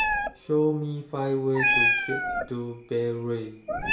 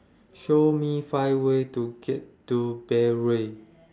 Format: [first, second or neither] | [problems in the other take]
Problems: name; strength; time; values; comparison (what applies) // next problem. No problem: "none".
second | background sound (Meow); as loud as the speech // room echo; dies away in 0.5 s